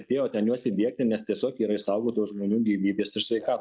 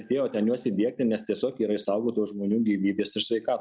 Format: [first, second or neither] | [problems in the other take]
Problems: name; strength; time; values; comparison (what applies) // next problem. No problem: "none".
second | noise reduction (neural mask model Resemble Enhance denoiser)